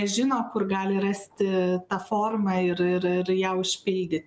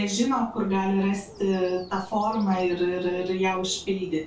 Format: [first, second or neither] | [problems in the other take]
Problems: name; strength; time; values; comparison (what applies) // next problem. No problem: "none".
first | background sound (Bird); 20 dB below the speech // room echo; dies away in 0.2 s